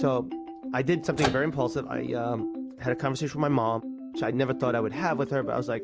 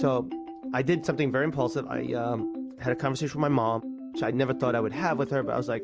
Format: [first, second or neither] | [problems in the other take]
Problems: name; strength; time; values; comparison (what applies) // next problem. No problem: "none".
second | background sound (Microwave oven); 6 dB below the speech